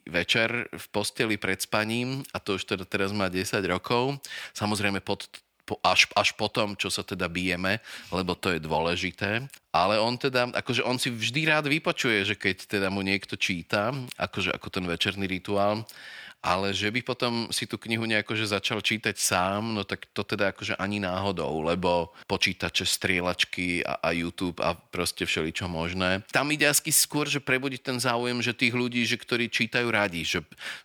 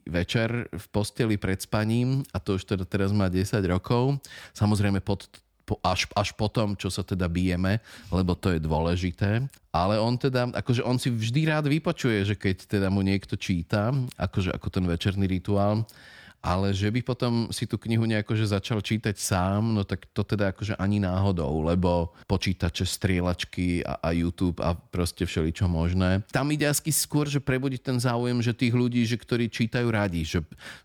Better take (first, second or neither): second